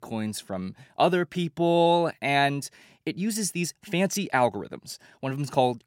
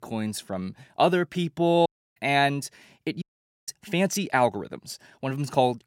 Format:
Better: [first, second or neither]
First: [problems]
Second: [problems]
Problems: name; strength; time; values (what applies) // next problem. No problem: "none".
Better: first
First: none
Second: audio cutting out; at 2 s and at 3 s